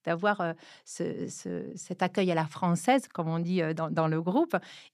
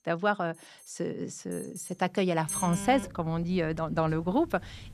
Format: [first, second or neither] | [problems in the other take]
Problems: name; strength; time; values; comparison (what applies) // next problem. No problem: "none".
first | alarms or sirens; noticeable; throughout; 10 dB below the speech